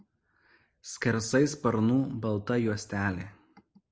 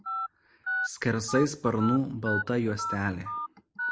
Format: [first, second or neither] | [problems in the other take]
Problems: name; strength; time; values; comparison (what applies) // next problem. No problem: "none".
first | background sound (Telephone); 5 dB below the speech